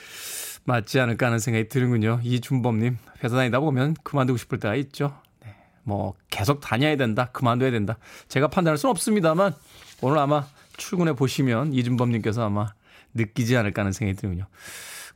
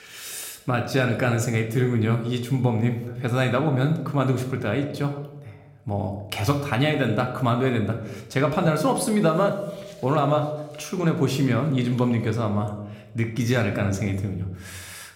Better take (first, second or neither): first